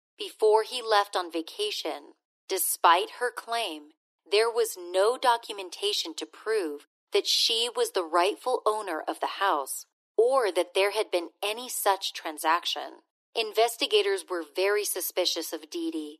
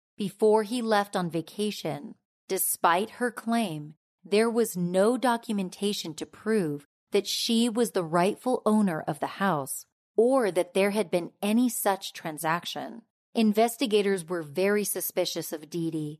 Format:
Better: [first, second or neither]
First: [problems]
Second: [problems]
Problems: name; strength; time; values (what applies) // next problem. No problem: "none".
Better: second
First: thin; very; fading below 300 Hz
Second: none